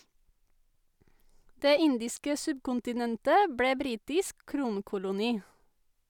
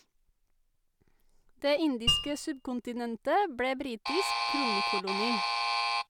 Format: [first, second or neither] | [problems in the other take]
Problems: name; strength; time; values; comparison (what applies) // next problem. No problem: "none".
first | background sound (Mallet percussion + Alarm); 3 dB above the speech